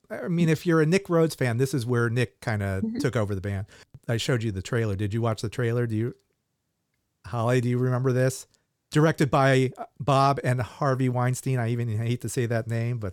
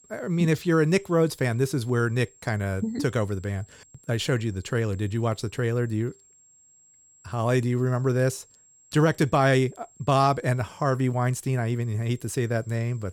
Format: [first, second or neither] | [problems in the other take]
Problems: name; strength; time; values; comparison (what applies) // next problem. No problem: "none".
first | high-pitched whine; faint; throughout; 7.5 kHz, 30 dB below the speech